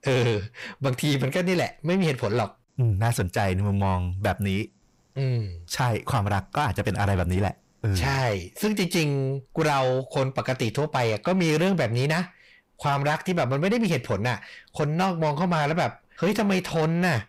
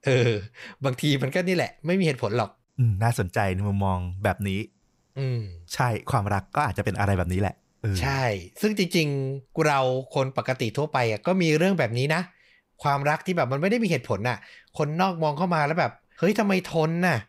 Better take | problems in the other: second | distortion; slight; 10 dB below the speech

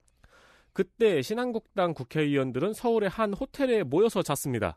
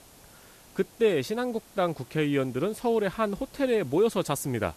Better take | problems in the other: first | hiss; faint; throughout; 25 dB below the speech

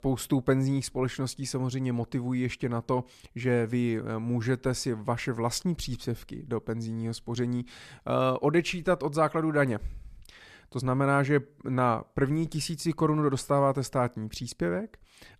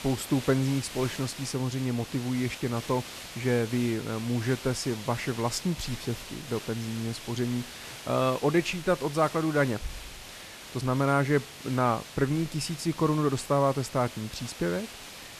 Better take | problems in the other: first | hiss; noticeable; throughout; 10 dB below the speech

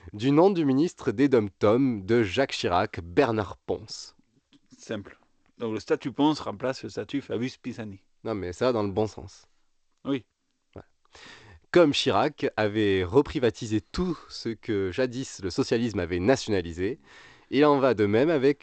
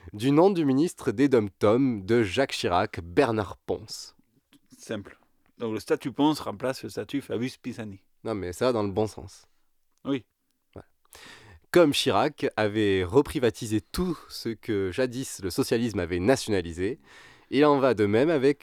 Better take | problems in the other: second | garbled, watery; slightly; nothing above 8 kHz

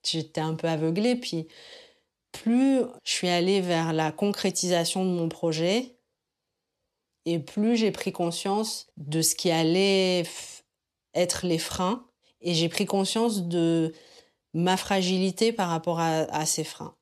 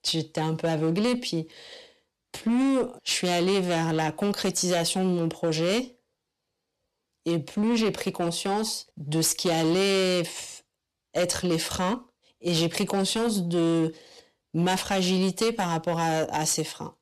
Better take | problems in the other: first | distortion; slight; 10% of the sound clipped

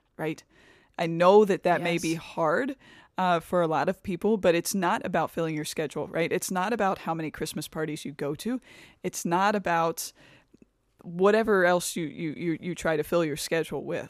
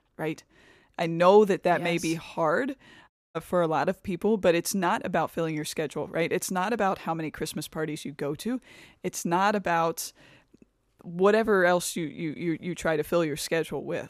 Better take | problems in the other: first | audio cutting out; at 3 s

